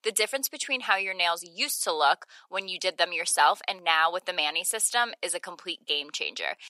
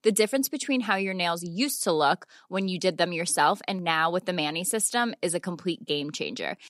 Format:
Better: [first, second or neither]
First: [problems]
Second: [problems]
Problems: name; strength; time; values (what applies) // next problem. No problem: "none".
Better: second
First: thin; very; fading below 750 Hz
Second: none